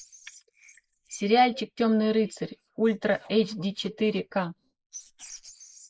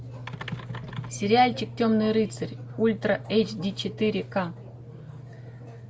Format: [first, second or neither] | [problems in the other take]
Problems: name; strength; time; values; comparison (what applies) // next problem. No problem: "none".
second | noise reduction (neural mask model Resemble Enhance denoiser)